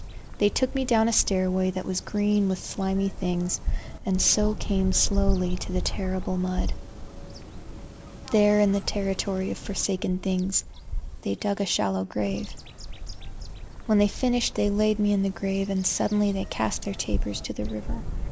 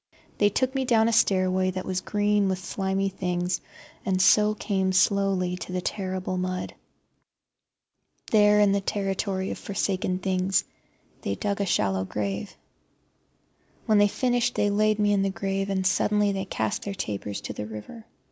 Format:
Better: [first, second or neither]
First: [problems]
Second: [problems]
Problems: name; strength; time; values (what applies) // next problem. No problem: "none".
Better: second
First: background sound (Bird vocalization, bird call, bird song); 5 dB below the speech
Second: none